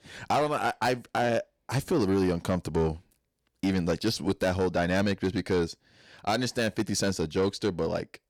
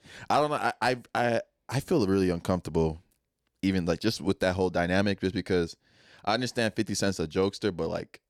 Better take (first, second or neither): second